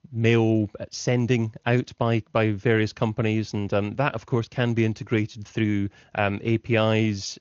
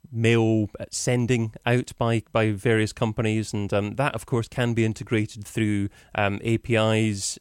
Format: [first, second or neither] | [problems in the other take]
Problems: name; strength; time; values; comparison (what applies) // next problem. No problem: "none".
second | garbled, watery; slightly; nothing above 6.5 kHz